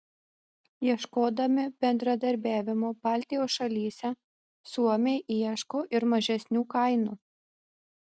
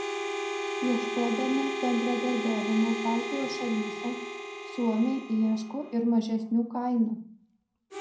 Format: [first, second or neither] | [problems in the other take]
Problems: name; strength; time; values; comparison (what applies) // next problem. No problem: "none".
first | background sound (Harmonica); 6 dB below the speech // room echo; dies away in 0.5 s